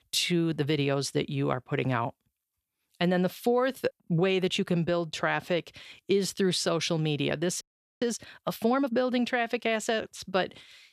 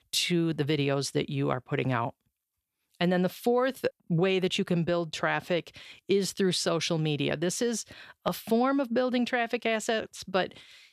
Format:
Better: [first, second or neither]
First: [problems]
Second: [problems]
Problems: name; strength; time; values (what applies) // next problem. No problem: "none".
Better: second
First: audio freezing; at 7.5 s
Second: none